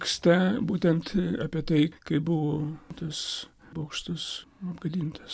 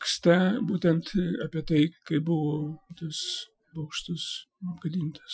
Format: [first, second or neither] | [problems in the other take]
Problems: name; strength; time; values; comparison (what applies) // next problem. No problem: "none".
first | noise reduction (classical method Wiener filter)